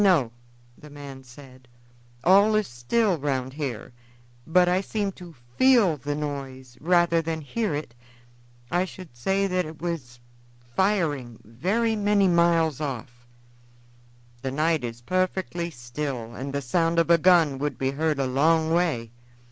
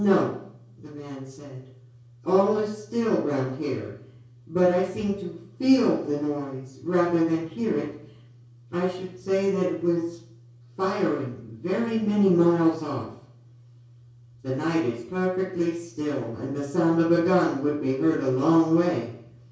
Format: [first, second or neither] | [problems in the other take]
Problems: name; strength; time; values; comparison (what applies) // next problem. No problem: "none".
first | room echo; dies away in 0.6 s